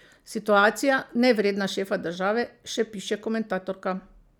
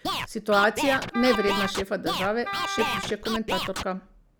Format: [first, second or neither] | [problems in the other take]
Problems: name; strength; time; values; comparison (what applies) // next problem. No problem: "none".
first | background sound (Wind instrument, woodwind instrument + Scratching (performance technique)); 3 dB below the speech